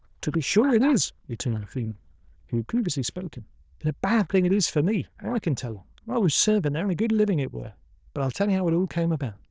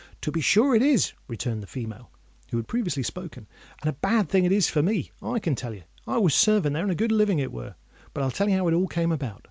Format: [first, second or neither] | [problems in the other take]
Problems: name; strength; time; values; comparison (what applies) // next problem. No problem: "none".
second | noise reduction (neural diffusion model UNIVERSE++)